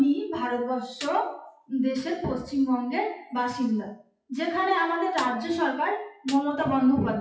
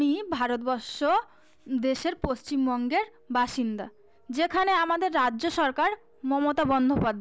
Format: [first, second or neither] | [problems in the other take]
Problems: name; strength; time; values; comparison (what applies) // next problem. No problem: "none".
second | noise reduction (classical method WPE with log-MMSE)